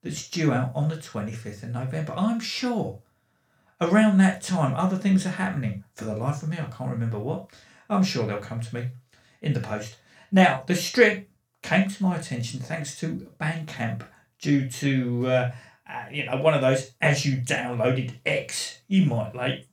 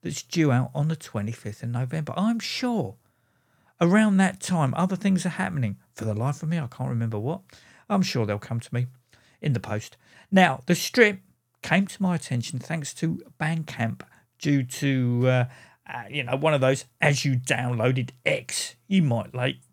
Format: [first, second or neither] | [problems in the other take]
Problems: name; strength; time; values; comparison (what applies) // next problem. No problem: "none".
second | room echo; slight; dies away in 0.3 s